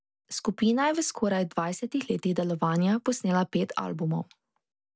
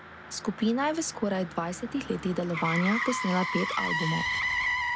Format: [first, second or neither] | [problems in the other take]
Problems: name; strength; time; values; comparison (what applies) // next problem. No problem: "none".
first | background sound (Motor vehicle (road)); 3 dB below the speech